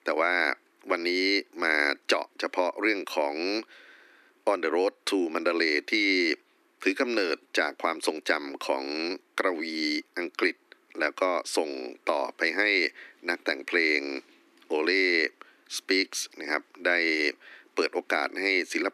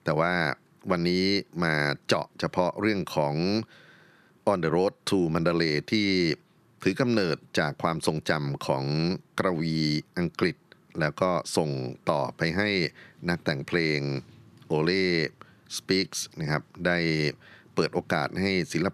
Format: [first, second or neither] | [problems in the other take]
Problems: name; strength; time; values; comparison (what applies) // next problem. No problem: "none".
second | thin; somewhat; fading below 250 Hz